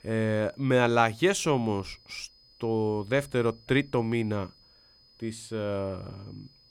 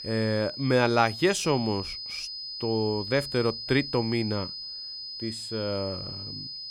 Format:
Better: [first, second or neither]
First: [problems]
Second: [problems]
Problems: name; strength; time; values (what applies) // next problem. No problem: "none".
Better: first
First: high-pitched whine; faint; throughout; 5 kHz, 30 dB below the speech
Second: high-pitched whine; loud; throughout; 5 kHz, 8 dB below the speech